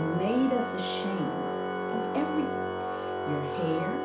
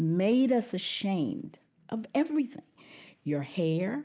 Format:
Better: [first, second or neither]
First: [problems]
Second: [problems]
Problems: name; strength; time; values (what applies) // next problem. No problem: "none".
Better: second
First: background sound (Organ); as loud as the speech // room echo; dies away in 0.4 s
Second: none